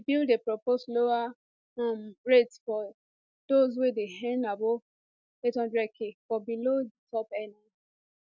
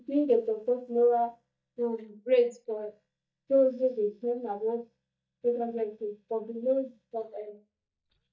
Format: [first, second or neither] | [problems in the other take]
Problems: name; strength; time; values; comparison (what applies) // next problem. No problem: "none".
first | noise reduction (neural mask model DeepFilterNet 3)